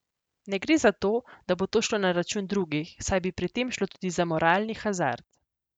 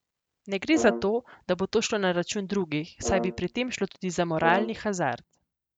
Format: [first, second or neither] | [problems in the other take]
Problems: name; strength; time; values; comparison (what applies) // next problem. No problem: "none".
first | background sound (Brass instrument); 8 dB below the speech